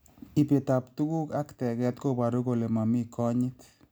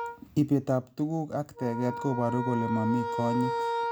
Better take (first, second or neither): first